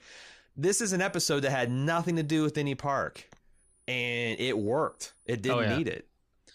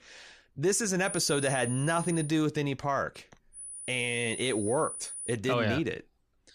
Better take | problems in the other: first | high-pitched whine; loud; from 1 to 2.5 s and from 3.5 to 5.5 s; 9.5 kHz, 8 dB below the speech; faint in the first

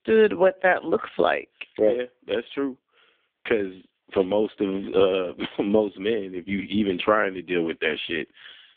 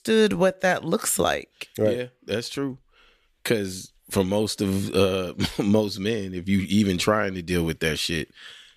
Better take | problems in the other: second | phone-call audio; poor line; nothing above 3.5 kHz

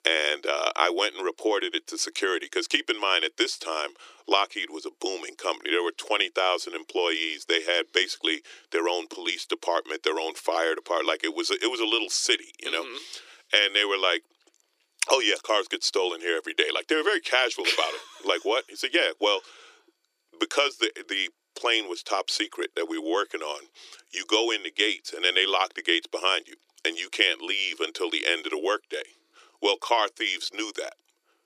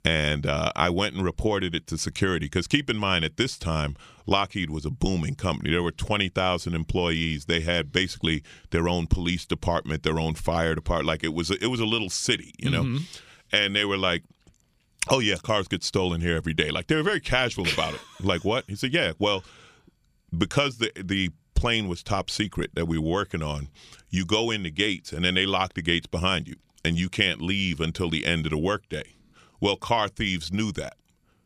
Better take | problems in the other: second | thin; very; fading below 350 Hz

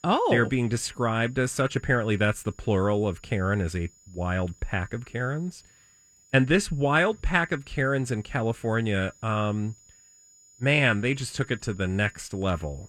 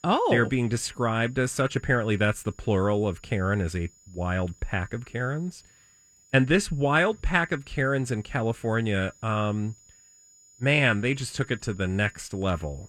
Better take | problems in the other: neither | high-pitched whine; faint; throughout; 7 kHz, 30 dB below the speech; the same in both

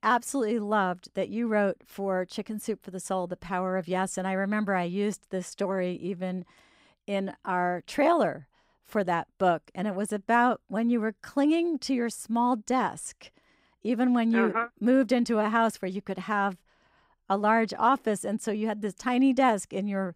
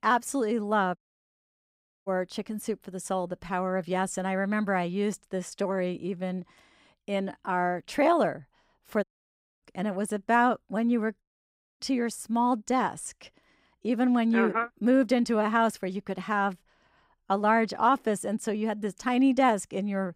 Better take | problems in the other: first | audio cutting out; at 1 s for 1 s, at 9 s for 0.5 s and at 11 s for 0.5 s

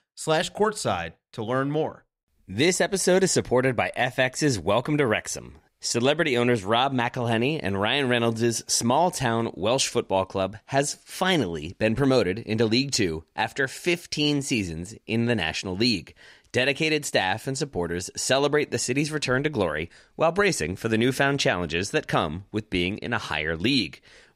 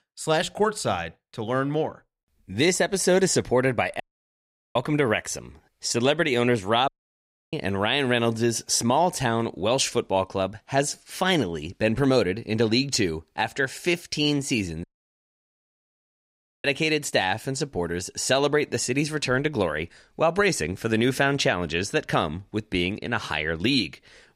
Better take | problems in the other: first | audio cutting out; at 4 s for 1 s, at 7 s for 0.5 s and at 15 s for 2 s

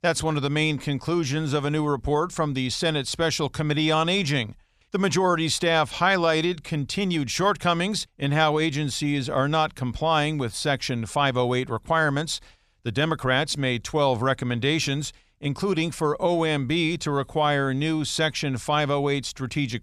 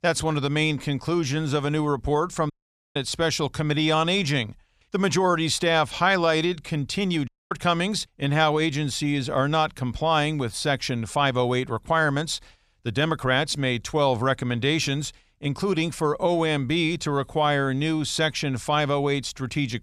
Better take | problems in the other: first | audio cutting out; at 2.5 s and at 7.5 s

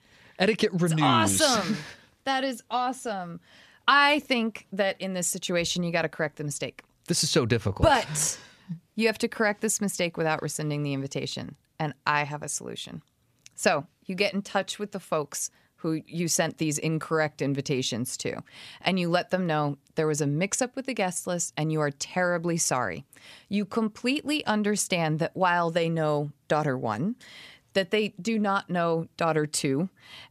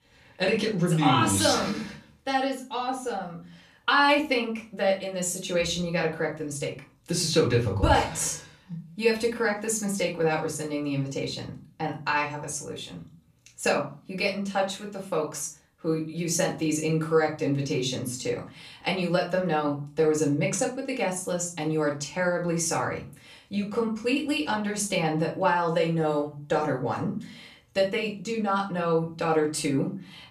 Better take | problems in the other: first | room echo; slight; dies away in 0.3 s // off-mic speech; far

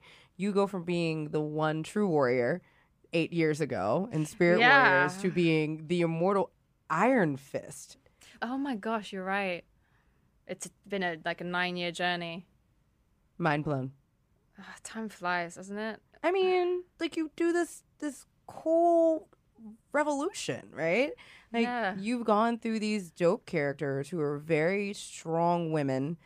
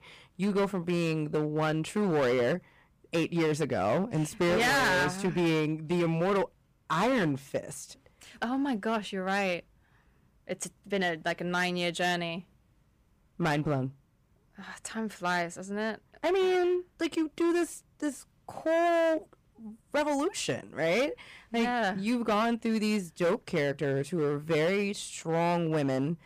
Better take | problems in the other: first | distortion; heavy; 11% of the sound clipped

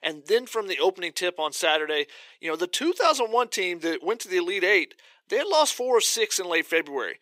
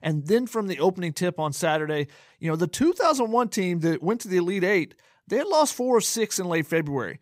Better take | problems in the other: second | thin; very; fading below 400 Hz

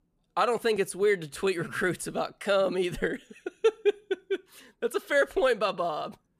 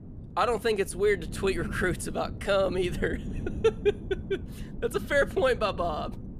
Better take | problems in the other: first | wind noise on the microphone; occasional gusts; 20 dB below the speech

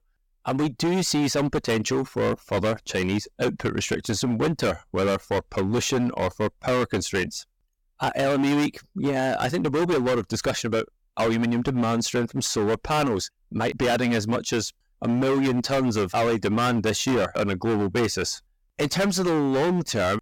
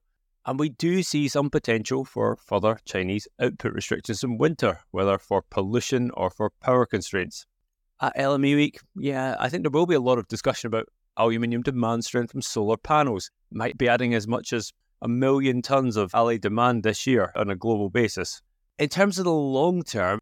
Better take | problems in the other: second | distortion; heavy; 20% of the sound clipped

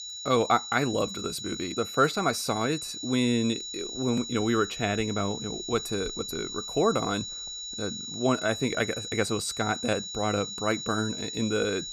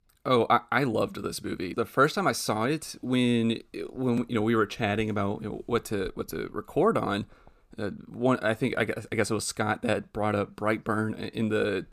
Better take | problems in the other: second | high-pitched whine; loud; throughout; 4 kHz, 6 dB below the speech

